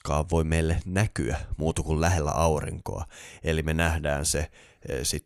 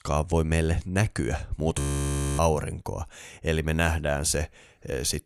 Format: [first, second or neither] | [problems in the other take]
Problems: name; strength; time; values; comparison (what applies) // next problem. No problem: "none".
first | audio freezing; at 2 s for 0.5 s